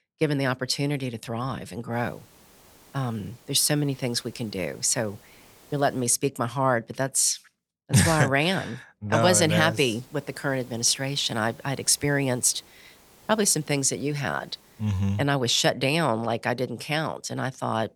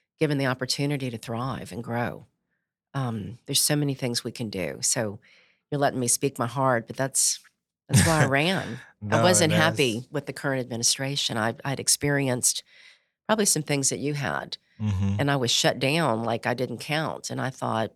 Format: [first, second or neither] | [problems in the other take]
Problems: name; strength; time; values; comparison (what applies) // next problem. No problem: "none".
second | hiss; faint; from 2 to 6 s and from 9.5 to 15 s; 30 dB below the speech